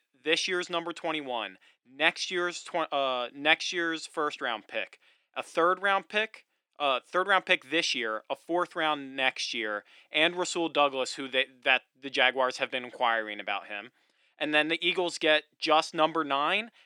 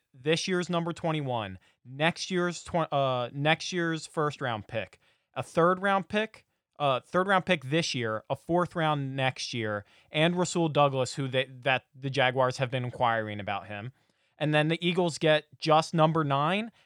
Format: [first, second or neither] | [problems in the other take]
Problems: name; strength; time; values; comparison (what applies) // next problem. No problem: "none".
second | thin; somewhat; fading below 300 Hz